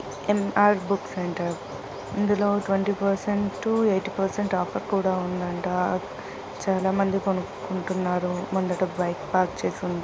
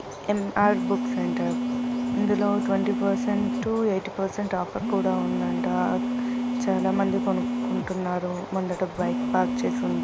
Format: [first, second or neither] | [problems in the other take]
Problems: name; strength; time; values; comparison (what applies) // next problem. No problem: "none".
first | background sound (Telephone); 1 dB below the speech